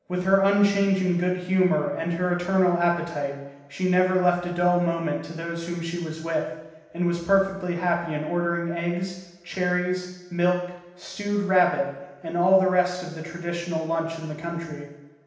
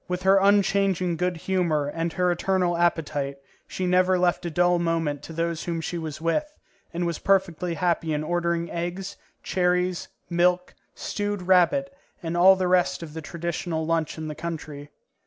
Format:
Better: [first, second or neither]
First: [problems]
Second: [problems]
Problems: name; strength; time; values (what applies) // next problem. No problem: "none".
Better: second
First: room echo; dies away in 0.9 s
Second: none